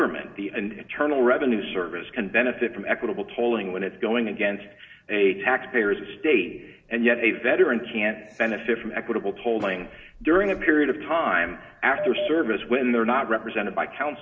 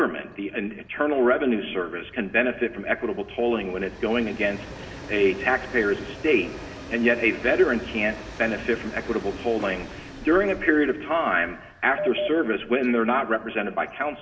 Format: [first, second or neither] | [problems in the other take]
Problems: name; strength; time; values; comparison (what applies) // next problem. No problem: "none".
first | background sound (Train); 17 dB below the speech